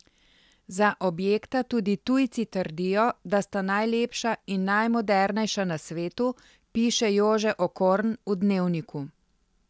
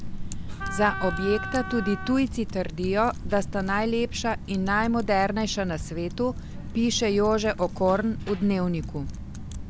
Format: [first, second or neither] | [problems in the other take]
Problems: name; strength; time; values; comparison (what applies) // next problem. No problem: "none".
first | background sound (Wind instrument, woodwind instrument + Typing); 7 dB below the speech